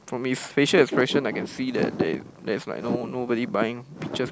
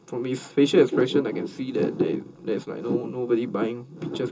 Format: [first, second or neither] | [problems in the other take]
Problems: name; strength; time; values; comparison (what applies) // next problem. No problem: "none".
first | room echo; dies away in 0.2 s